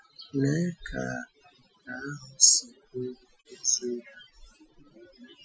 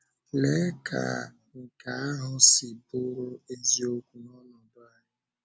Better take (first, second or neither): second